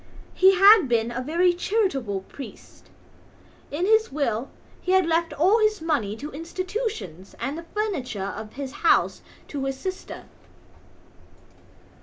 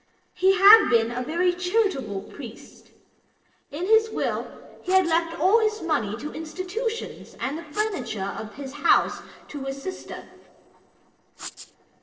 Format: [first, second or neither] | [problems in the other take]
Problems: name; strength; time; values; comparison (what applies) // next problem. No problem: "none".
first | noise reduction (neural separator model SepFormer DNS4)